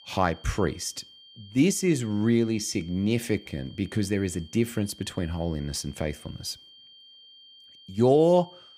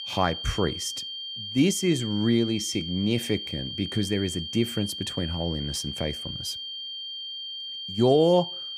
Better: first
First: high-pitched whine; faint; throughout; 3 kHz, 25 dB below the speech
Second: high-pitched whine; loud; throughout; 3 kHz, 7 dB below the speech

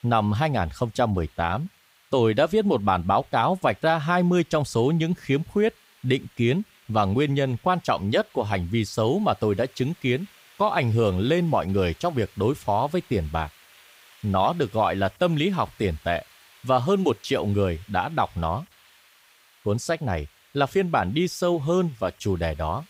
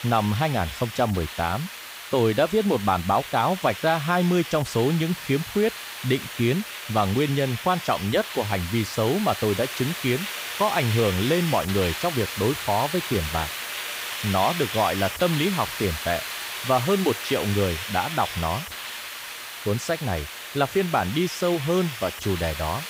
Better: first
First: hiss; faint; throughout; 30 dB below the speech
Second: hiss; loud; throughout; 7 dB below the speech

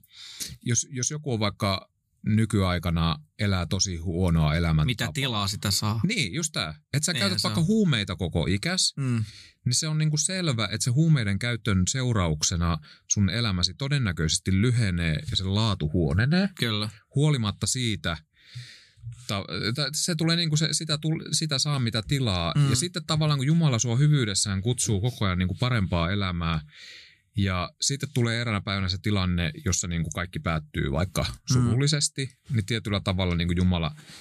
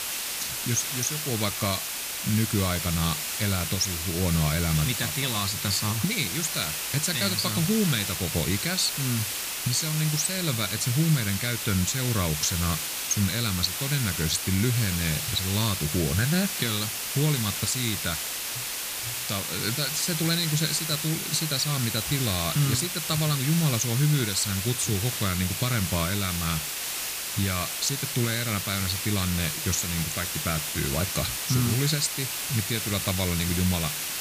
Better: first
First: none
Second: hiss; loud; throughout; 1 dB below the speech

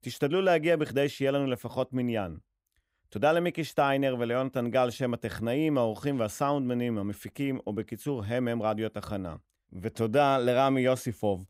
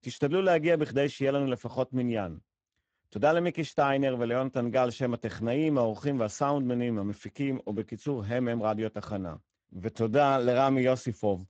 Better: first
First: none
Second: garbled, watery; badly; nothing above 7.5 kHz

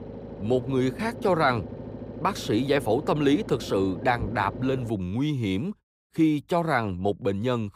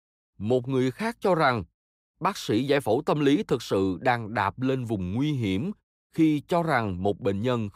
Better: second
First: low rumble; noticeable; until 5 s; 15 dB below the speech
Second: none

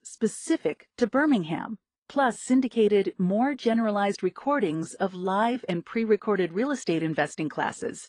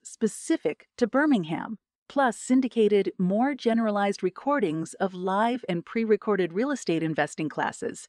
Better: second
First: garbled, watery; slightly; nothing above 10 kHz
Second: none

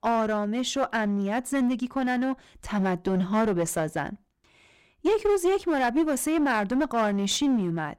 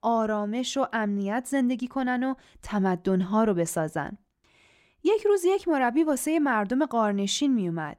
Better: second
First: distortion; slight; 11% of the sound clipped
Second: none

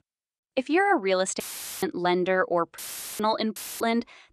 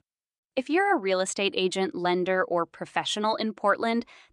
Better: second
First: audio cutting out; filled with static; at 1.5 s, at 3 s and at 3.5 s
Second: none

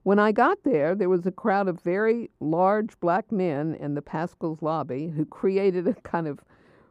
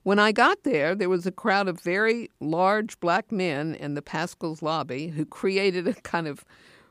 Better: second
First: muffled; very; fading above 1.5 kHz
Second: none

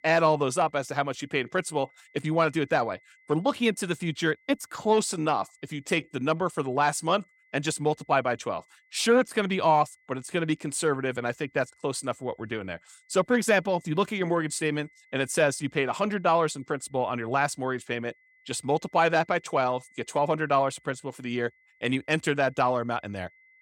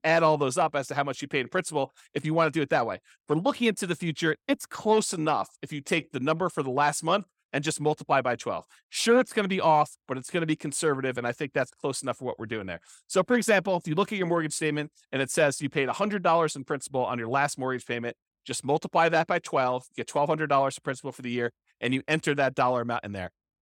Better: second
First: high-pitched whine; faint; throughout; 2 kHz, 35 dB below the speech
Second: none

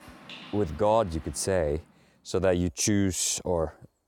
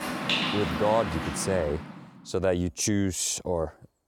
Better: first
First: rain or running water; faint; until 1.5 s; 20 dB below the speech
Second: rain or running water; loud; until 1.5 s; 2 dB below the speech

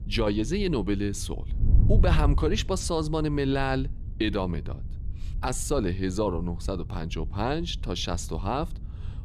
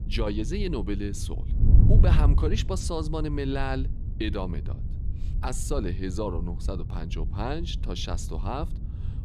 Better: first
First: wind noise on the microphone; occasional gusts; 20 dB below the speech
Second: wind noise on the microphone; heavy; 10 dB below the speech

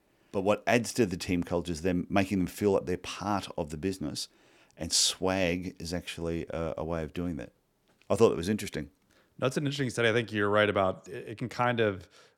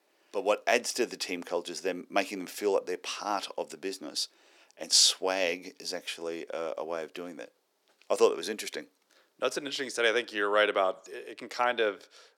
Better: first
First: none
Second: thin; somewhat; fading below 350 Hz

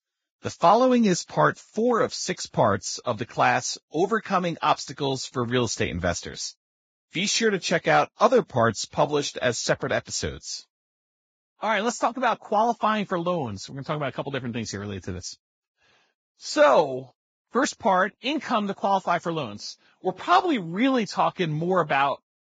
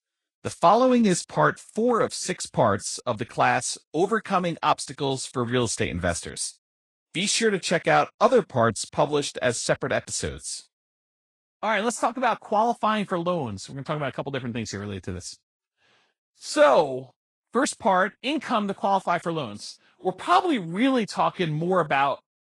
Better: second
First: garbled, watery; badly; nothing above 7.5 kHz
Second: garbled, watery; slightly

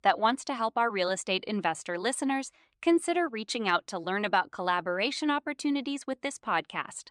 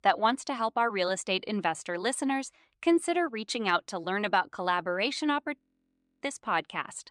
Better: first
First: none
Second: audio freezing; at 5.5 s for 0.5 s

